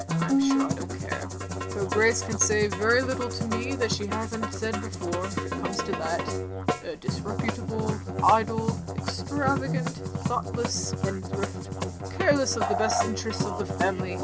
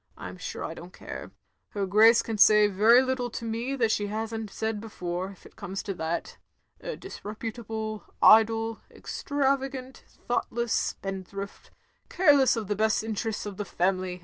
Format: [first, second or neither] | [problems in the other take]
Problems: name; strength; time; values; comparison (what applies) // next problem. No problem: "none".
second | background sound (Musical instrument); as loud as the speech